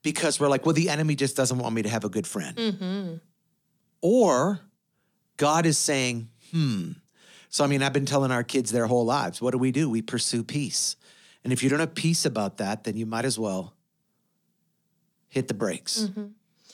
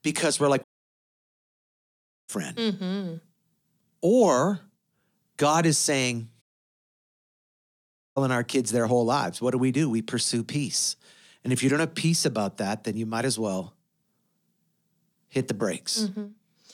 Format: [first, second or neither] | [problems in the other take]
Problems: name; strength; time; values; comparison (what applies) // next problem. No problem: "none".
first | audio cutting out; at 0.5 s for 1.5 s and at 6.5 s for 1.5 s